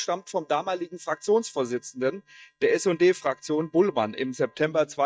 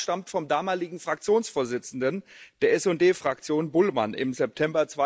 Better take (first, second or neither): second